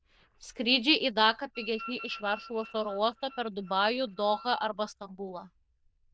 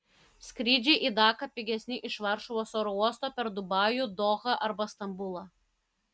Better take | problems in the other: second | noise reduction (neural diffusion model UNIVERSE++)

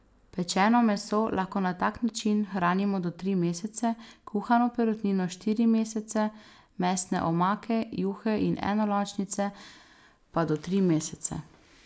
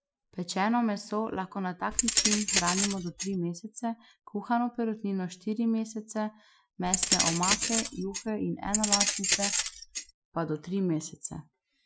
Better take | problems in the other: first | noise reduction (classical method Wiener filter)

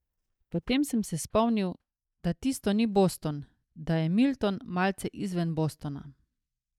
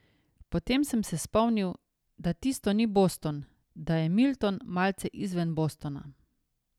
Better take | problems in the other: second | noise reduction (neural mask model DeepFilterNet 3)

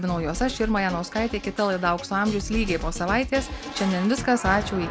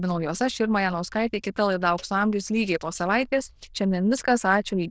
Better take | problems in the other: first | noise reduction (neural diffusion model UNIVERSE++)

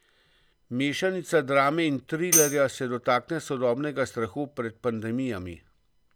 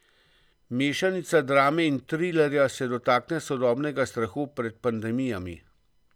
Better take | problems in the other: second | background sound (Tambourine); 2 dB below the speech

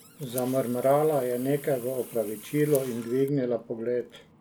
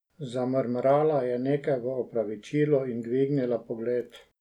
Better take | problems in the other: second | background sound (Water tap, faucet + Camera); 18 dB below the speech

